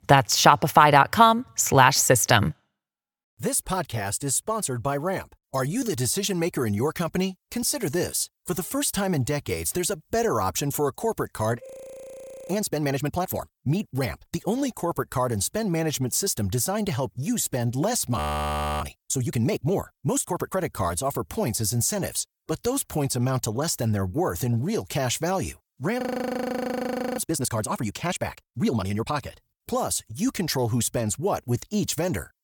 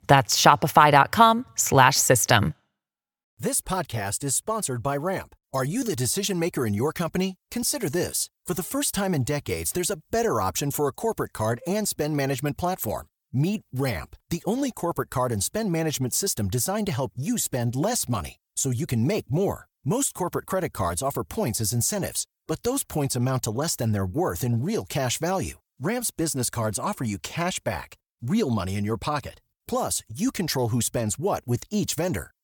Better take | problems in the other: second | audio freezing; at 12 s for 1 s, at 18 s for 0.5 s and at 26 s for 1 s

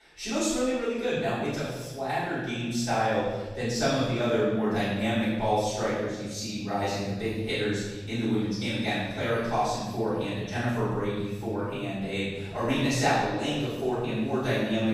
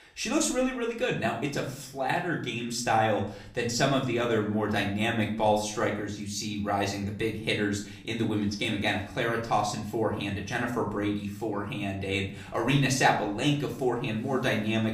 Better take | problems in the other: second | room echo; strong; dies away in 1.1 s; slight in the second // off-mic speech; far; far in the second

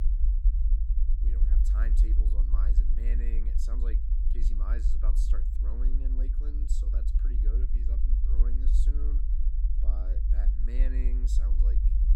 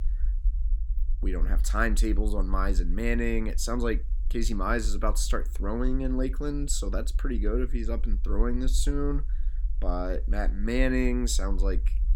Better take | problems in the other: second | low rumble; loud; throughout; 1 dB below the speech; faint in the second

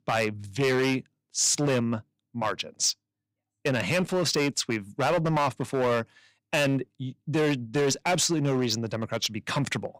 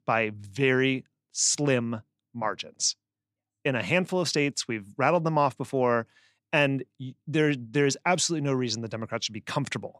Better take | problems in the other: second | distortion; heavy; 9% of the sound clipped

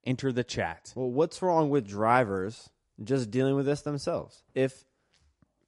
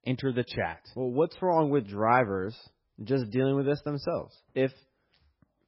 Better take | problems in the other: first | garbled, watery; badly; nothing above 5.5 kHz; slightly in the first

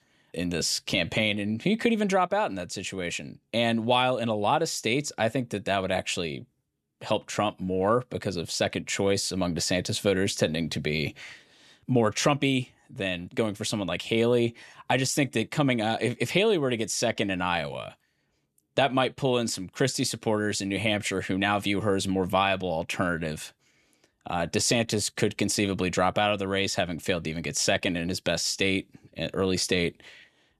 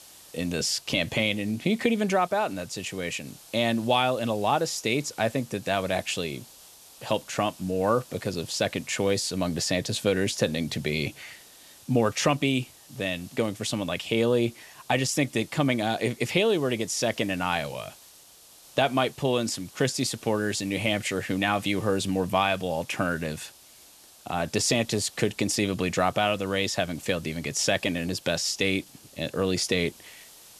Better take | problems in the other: first | hiss; faint; throughout; 20 dB below the speech

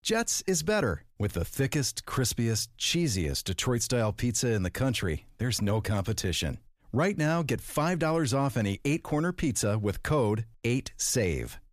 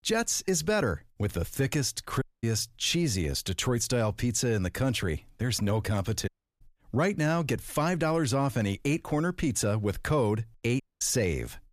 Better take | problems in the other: first | audio cutting out; at 2 s, at 6.5 s and at 11 s

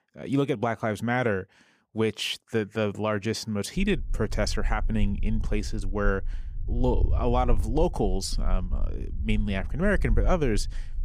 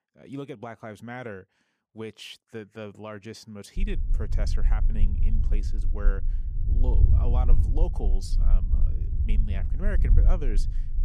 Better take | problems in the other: first | low rumble; loud; from 4 s on; 6 dB below the speech; faint in the first

